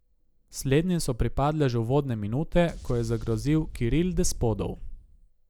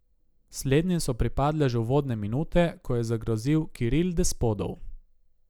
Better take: second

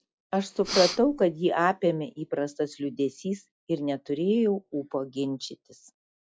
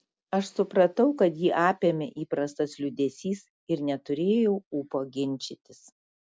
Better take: second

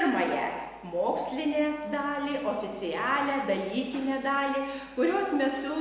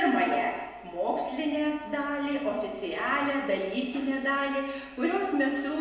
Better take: first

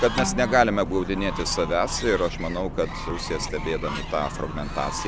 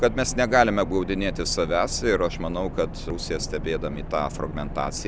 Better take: second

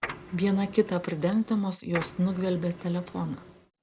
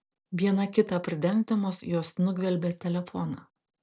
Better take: second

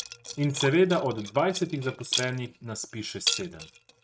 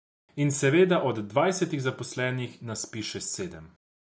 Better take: second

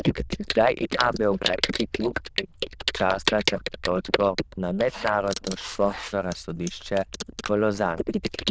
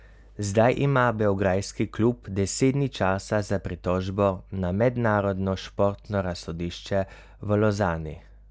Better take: second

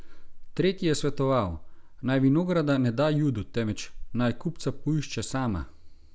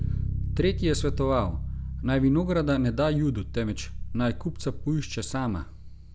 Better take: first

